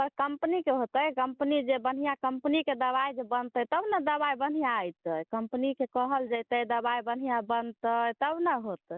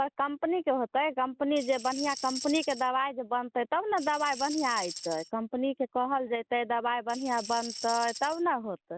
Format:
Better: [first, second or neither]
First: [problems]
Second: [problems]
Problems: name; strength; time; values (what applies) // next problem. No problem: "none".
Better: first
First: none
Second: background sound (Tambourine); 11 dB below the speech